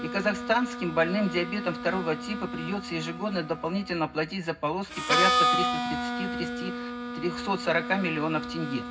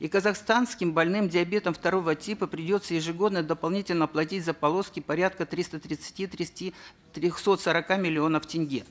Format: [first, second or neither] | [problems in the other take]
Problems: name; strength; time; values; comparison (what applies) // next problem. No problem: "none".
second | background sound (Harmonica); 2 dB below the speech // room echo; dies away in 0.4 s